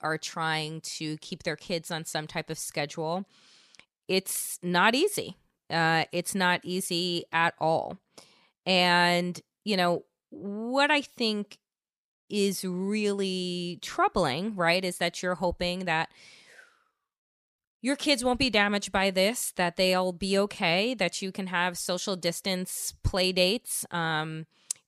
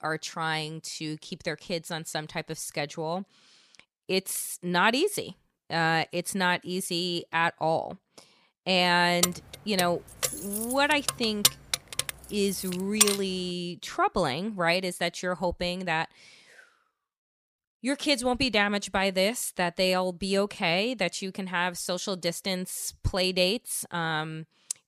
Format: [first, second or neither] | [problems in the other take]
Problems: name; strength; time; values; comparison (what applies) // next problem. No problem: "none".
first | jangling keys; loud; from 9 to 13 s; peak 5 dB above the speech